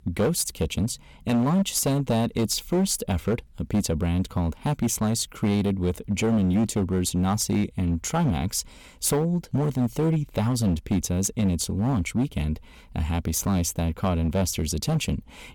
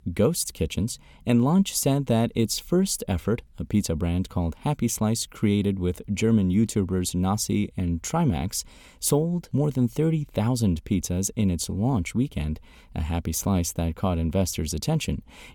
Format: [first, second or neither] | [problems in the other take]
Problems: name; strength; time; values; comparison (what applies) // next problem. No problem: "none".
second | distortion; slight; 9% of the sound clipped